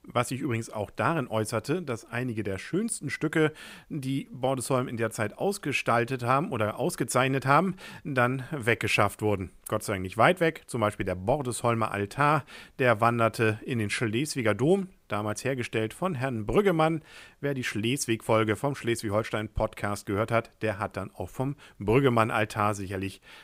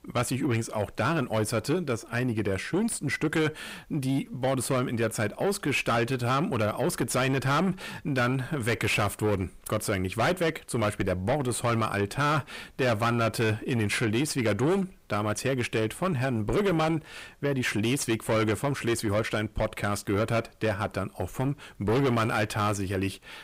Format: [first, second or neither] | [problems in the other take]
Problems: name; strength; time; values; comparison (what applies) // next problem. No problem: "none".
first | distortion; heavy; 6 dB below the speech